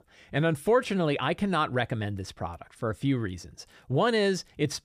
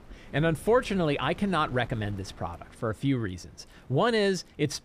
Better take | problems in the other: first | wind noise on the microphone; occasional gusts; 25 dB below the speech

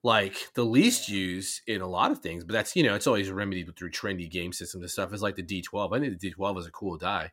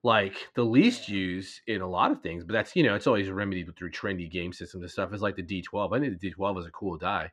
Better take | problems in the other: first | muffled; slightly; fading above 3 kHz

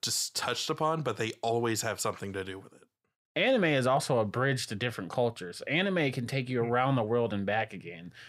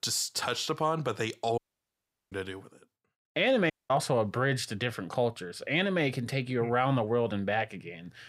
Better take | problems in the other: first | audio cutting out; at 1.5 s for 0.5 s and at 3.5 s

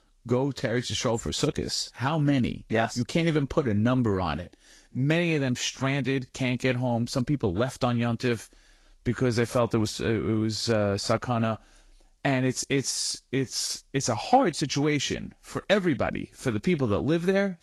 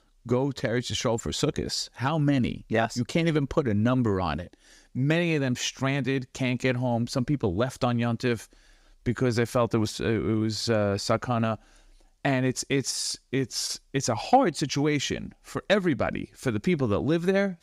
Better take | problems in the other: second | garbled, watery; slightly; nothing above 11.5 kHz

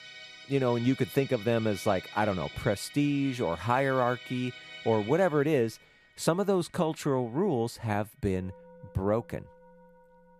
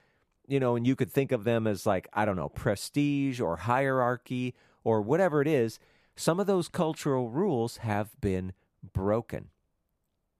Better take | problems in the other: second | background music; noticeable; throughout; 15 dB below the speech

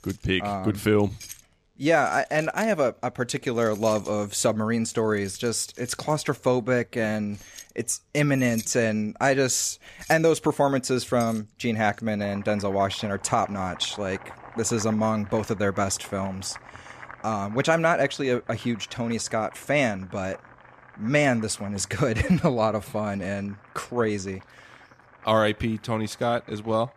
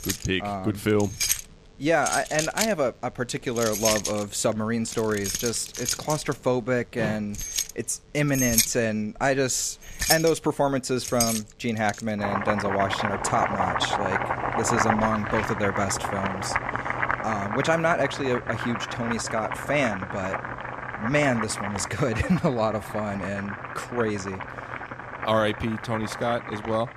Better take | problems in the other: first | household noises; loud; throughout; 3 dB below the speech; faint in the first

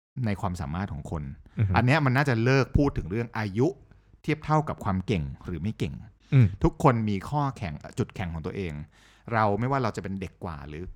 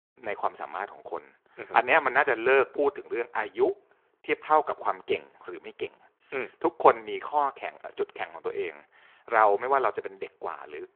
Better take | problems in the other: first | phone-call audio

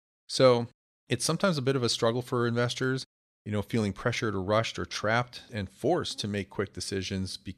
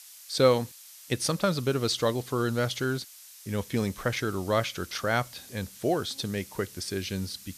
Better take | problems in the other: first | hiss; noticeable; throughout; 15 dB below the speech

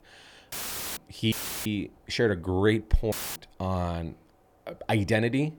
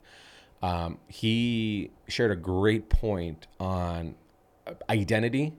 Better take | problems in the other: second | audio cutting out; filled with static; at 0.5 s, at 1.5 s and at 3 s

